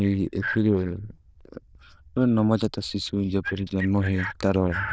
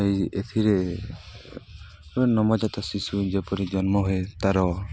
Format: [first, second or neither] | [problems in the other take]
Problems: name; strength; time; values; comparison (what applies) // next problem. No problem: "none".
second | noise reduction (neural diffusion model UNIVERSE++)